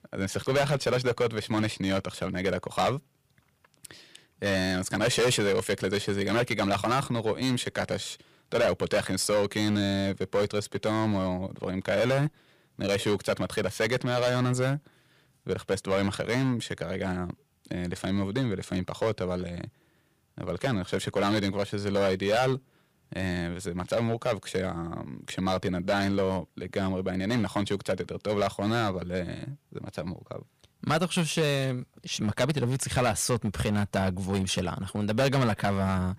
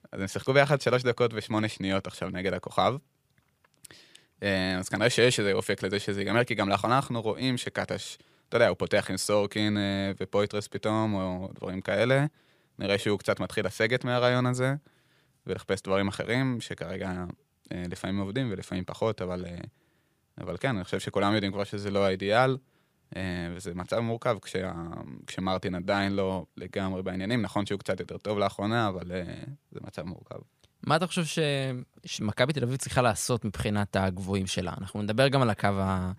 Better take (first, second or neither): second